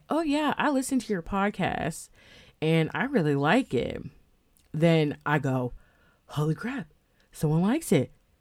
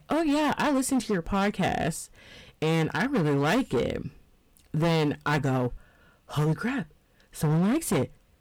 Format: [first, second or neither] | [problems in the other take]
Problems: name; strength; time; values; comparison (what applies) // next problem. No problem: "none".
first | distortion; heavy; 15% of the sound clipped